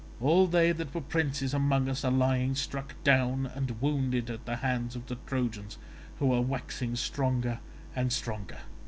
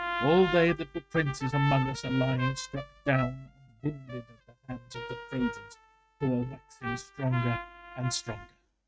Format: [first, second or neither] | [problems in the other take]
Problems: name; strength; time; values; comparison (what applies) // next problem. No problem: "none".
first | noise reduction (neural mask model RNNoise)